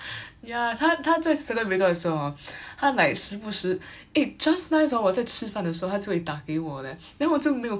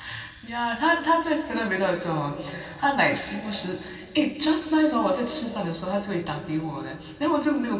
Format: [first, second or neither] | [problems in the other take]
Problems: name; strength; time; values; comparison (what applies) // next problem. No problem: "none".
first | room echo; dies away in 2.1 s